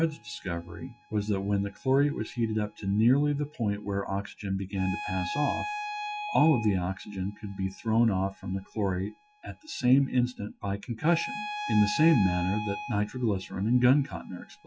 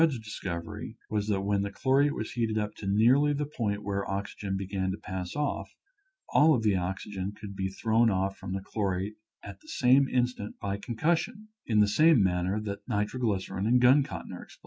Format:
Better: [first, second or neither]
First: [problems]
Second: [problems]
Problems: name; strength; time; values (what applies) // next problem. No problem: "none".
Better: second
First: noise reduction (classical method log-MMSE)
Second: none